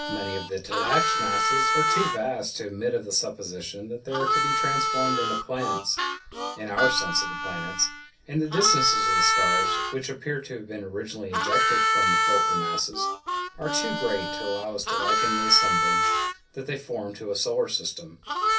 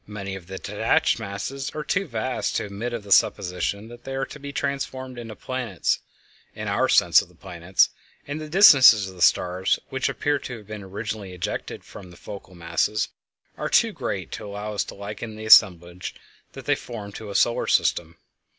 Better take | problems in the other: second | background sound (Harmonica); 3 dB above the speech // room echo; dies away in 0.3 s

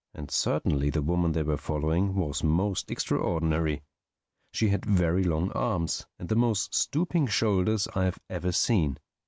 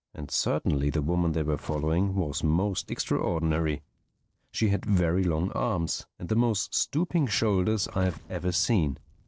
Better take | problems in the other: first | noise reduction (neural separator model SepFormer DNS4)

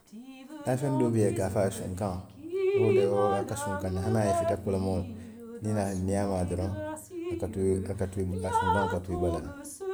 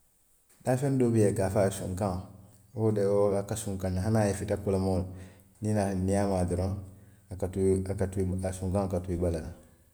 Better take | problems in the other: second | background sound (Drip); 3 dB below the speech

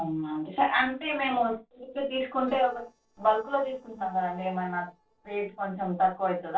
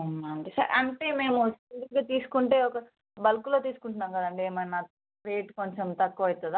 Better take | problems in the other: second | noise reduction (neural separator model SepFormer DNS4)

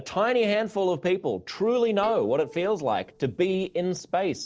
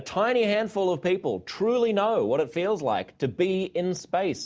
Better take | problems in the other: second | noise reduction (neural separator model SepFormer DNS4)

